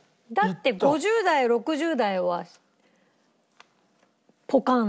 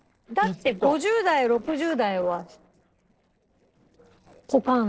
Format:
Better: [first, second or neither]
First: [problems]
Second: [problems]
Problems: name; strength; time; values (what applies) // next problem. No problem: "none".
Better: first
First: none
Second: noise reduction (neural separator model SepFormer DNS4)